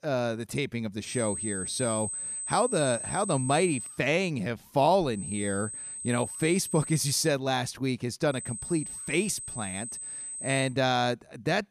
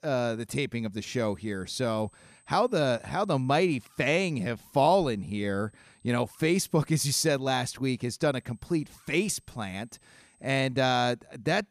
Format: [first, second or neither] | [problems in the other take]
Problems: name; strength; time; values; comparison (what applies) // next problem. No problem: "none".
second | high-pitched whine; loud; from 1 to 4 s, from 5 to 7.5 s and from 8.5 to 11 s; 8 kHz, 6 dB below the speech; faint in the second